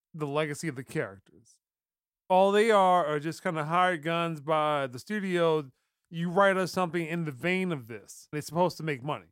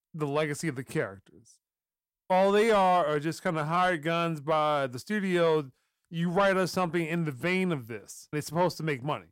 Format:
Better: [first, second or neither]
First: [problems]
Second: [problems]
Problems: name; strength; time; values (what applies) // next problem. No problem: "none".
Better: first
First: none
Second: distortion; slight; 10 dB below the speech